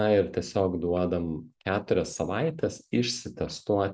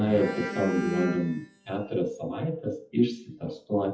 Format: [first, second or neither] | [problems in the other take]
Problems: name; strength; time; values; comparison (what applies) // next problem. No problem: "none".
first | noise reduction (classical method WPE with log-MMSE)